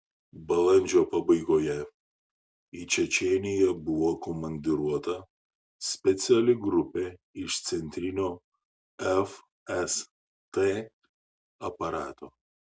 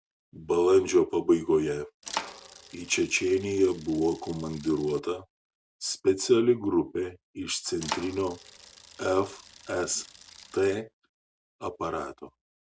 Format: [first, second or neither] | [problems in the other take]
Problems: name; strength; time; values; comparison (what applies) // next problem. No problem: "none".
first | background sound (Bicycle); 14 dB below the speech